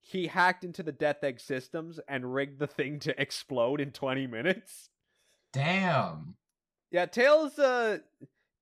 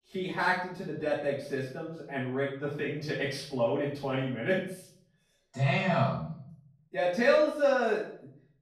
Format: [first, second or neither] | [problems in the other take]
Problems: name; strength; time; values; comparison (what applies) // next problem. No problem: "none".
first | room echo; noticeable; dies away in 0.6 s // off-mic speech; far